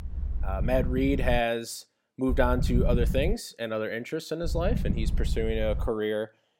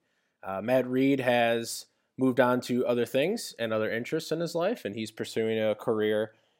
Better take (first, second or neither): second